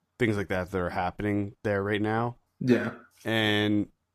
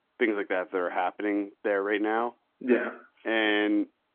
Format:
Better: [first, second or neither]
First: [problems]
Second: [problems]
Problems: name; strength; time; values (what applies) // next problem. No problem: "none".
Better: first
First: none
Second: phone-call audio; nothing above 3.5 kHz